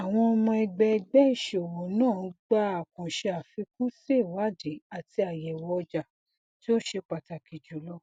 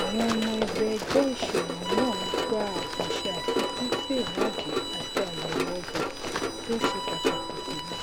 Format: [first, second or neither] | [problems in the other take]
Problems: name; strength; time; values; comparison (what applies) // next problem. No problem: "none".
first | background sound (Run + Bowed string instrument); 2 dB above the speech